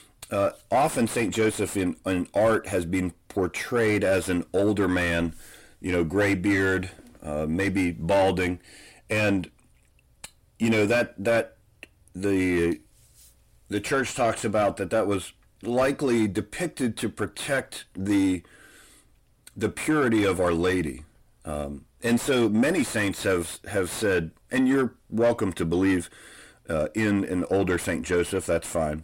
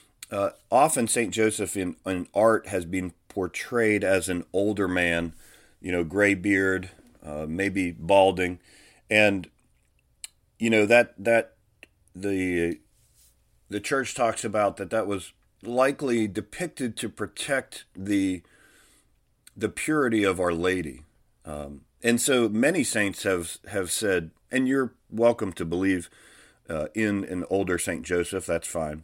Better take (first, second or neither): second